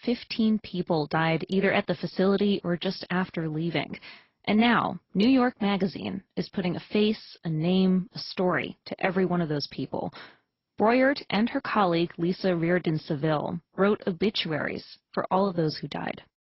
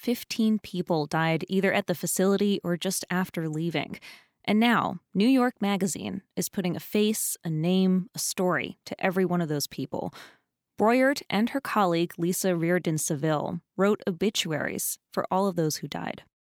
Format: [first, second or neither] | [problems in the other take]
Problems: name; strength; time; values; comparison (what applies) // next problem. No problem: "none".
second | garbled, watery; badly; nothing above 5.5 kHz